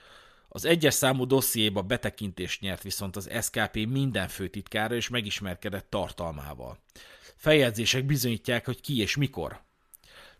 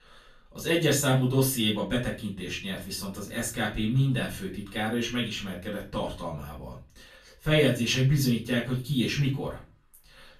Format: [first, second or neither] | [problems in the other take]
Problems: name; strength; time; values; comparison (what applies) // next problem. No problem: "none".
first | off-mic speech; far // room echo; slight; dies away in 0.3 s